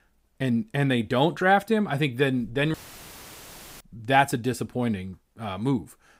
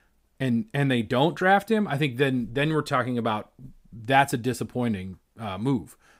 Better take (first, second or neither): second